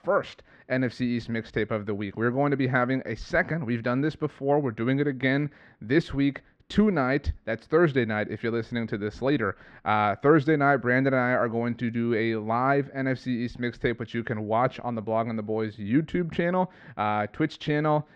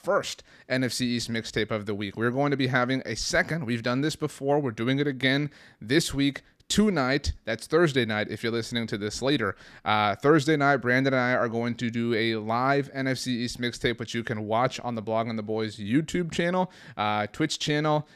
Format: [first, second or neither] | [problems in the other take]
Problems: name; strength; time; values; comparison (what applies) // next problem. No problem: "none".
second | muffled; very; fading above 2 kHz